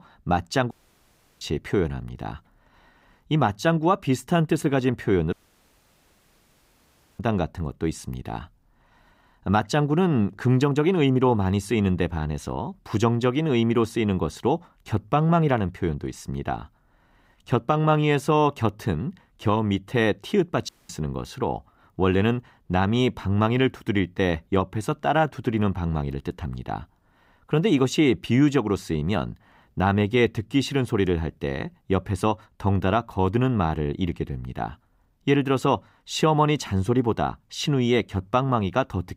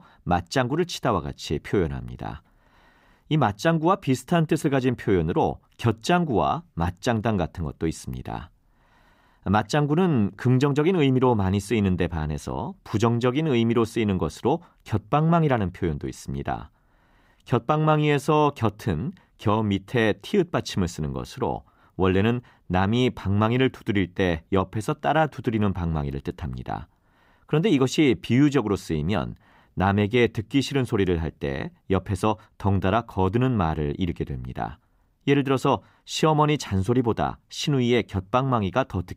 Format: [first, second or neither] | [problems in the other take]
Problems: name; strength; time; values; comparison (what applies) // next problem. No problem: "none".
second | audio cutting out; at 0.5 s for 0.5 s, at 5.5 s for 2 s and at 21 s